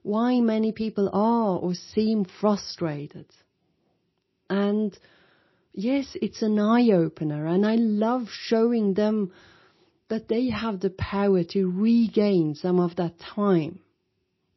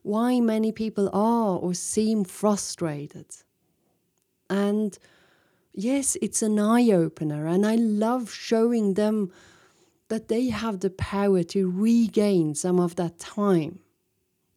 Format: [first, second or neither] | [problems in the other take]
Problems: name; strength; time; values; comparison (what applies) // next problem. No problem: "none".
second | garbled, watery; slightly; nothing above 6 kHz